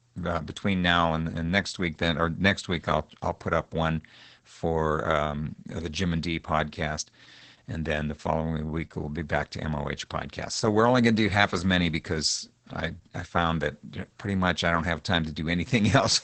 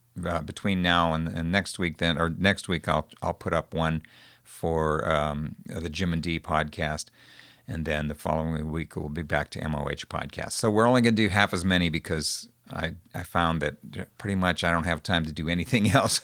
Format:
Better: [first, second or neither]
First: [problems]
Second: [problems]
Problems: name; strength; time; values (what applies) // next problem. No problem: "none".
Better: second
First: garbled, watery; badly; nothing above 8 kHz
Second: garbled, watery; slightly